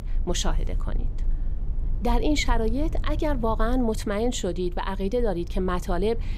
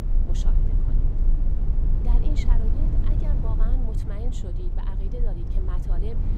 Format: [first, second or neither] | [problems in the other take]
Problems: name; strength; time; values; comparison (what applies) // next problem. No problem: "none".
first | low rumble; loud; throughout; as loud as the speech; faint in the first